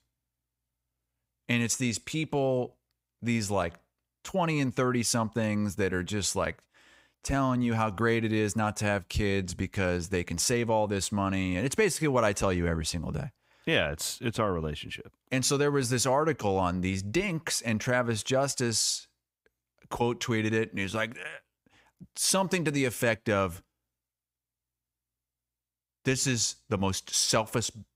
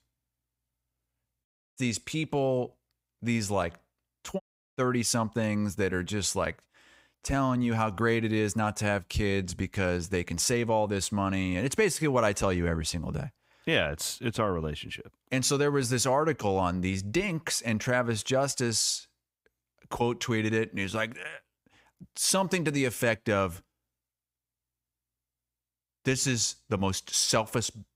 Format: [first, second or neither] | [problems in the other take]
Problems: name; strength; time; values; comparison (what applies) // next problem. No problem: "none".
first | audio cutting out; at 1.5 s and at 4.5 s